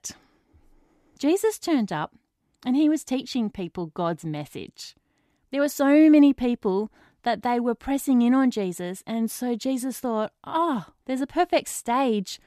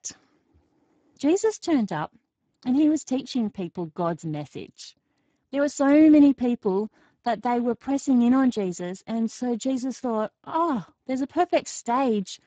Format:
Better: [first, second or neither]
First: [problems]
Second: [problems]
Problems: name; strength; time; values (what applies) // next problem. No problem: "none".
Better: first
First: none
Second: garbled, watery; badly; nothing above 7.5 kHz